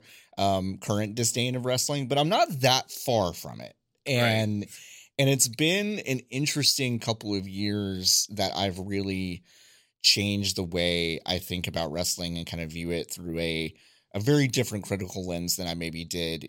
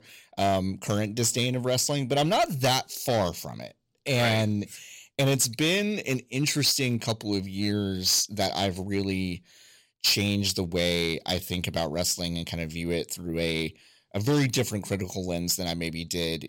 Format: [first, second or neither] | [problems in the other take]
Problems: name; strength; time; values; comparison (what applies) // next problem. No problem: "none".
first | distortion; slight; 5% of the sound clipped